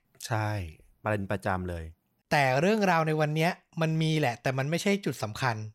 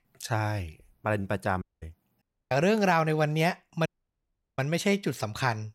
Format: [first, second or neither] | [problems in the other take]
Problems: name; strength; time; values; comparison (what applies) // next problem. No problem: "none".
first | audio cutting out; at 1.5 s, at 2 s and at 4 s for 0.5 s